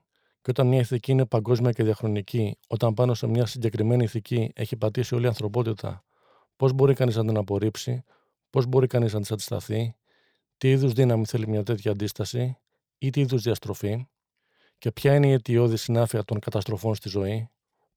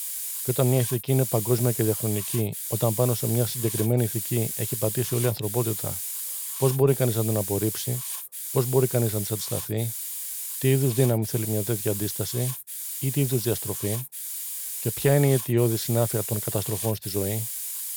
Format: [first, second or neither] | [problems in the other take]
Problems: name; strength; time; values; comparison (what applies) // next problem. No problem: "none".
first | hiss; loud; throughout; 4 dB below the speech